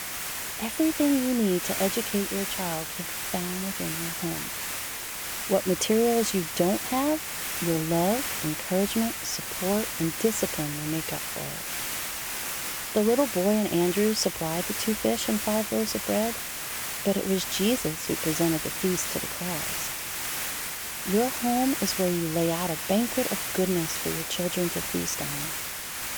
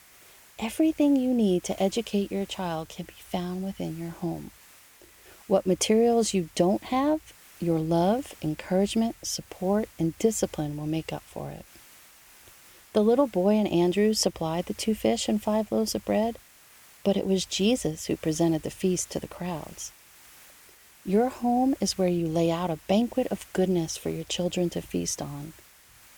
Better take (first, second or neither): second